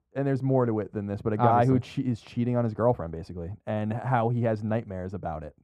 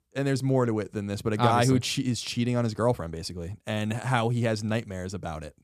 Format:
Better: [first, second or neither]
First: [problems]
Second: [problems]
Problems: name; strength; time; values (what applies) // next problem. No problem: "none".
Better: second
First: muffled; very; fading above 2.5 kHz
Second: none